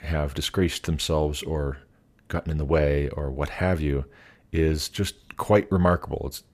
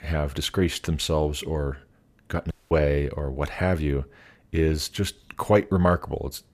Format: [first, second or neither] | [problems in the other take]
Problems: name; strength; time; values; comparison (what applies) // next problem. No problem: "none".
first | audio cutting out; at 2.5 s